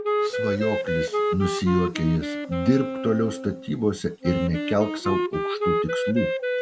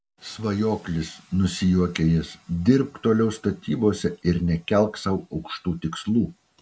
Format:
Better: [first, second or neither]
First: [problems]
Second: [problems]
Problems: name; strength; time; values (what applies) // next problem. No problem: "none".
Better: second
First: background sound (Wind instrument, woodwind instrument); 1 dB below the speech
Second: none